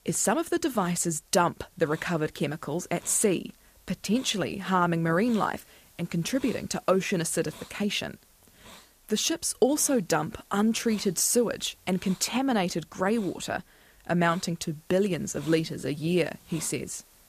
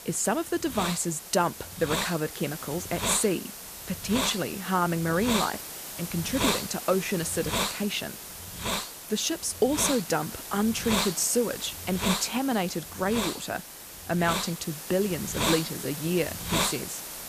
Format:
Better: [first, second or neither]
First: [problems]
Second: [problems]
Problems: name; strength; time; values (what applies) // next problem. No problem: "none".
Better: first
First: hiss; faint; throughout; 25 dB below the speech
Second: hiss; loud; throughout; 4 dB below the speech